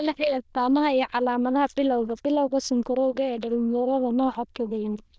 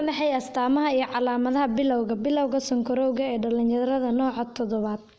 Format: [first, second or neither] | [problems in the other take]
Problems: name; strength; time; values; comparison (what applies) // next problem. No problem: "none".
second | noise reduction (neural diffusion model UNIVERSE++)